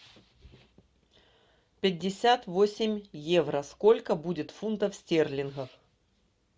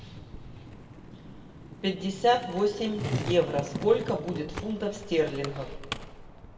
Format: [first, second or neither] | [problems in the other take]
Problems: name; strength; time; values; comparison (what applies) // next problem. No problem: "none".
first | background sound (Skateboard); 8 dB below the speech // room echo; dies away in 1.3 s